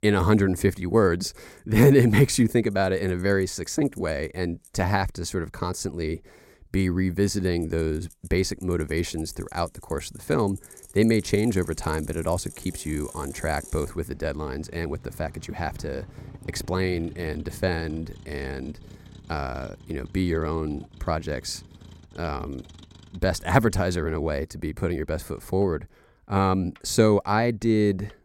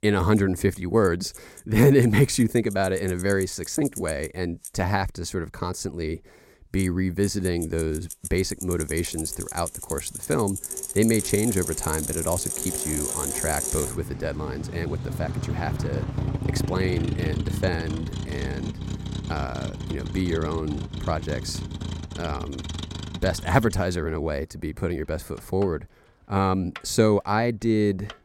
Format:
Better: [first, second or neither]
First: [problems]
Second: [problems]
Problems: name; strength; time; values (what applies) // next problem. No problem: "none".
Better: first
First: traffic noise; faint; throughout; 20 dB below the speech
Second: traffic noise; loud; throughout; 5 dB below the speech